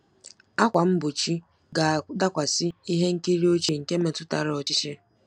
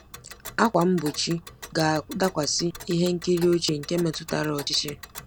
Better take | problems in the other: first | background sound (Tick); 17 dB below the speech

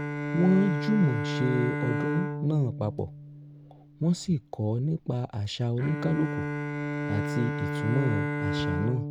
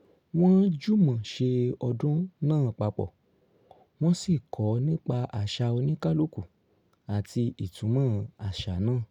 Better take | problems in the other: second | background sound (Bowed string instrument); 4 dB below the speech

